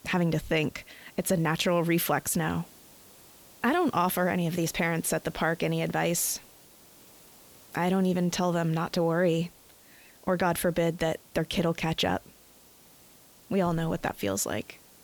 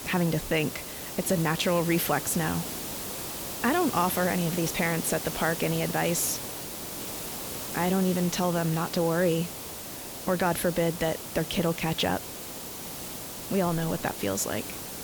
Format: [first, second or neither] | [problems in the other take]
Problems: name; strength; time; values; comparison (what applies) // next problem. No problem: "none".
first | hiss; loud; throughout; 7 dB below the speech; faint in the first